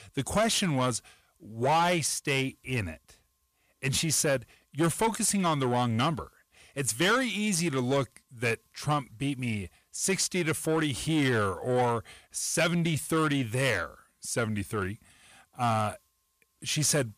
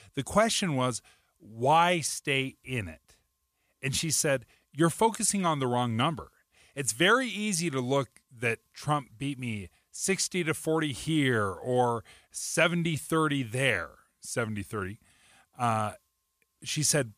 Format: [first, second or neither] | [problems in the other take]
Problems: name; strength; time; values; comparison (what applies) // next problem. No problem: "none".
second | distortion; slight; 10 dB below the speech